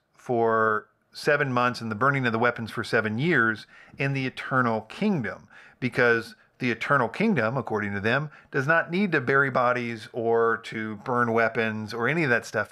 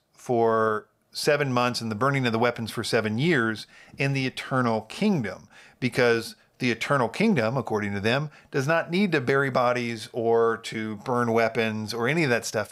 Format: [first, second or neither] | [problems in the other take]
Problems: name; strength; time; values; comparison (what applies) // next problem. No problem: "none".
second | muffled; slightly; fading above 4 kHz